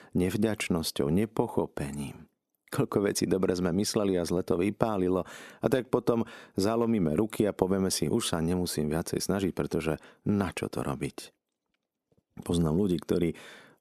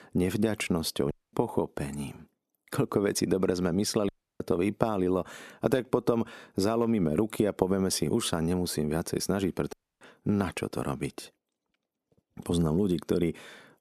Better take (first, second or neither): first